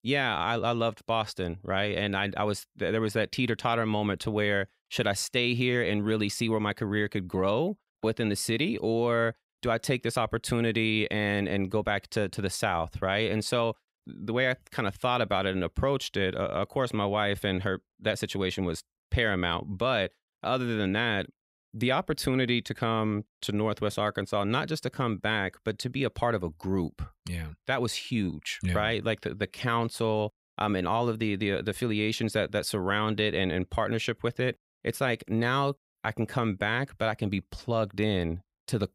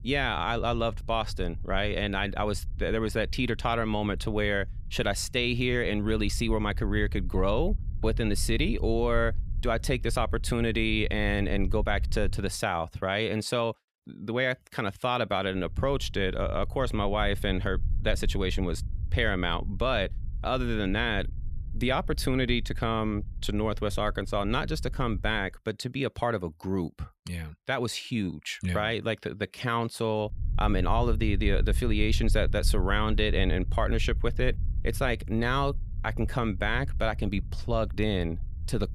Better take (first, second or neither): first